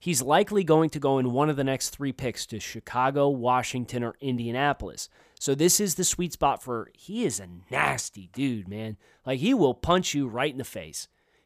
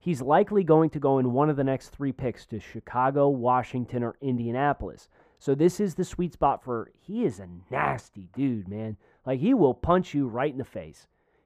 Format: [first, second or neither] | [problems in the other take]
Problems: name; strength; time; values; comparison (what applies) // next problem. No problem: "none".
first | muffled; very; fading above 2.5 kHz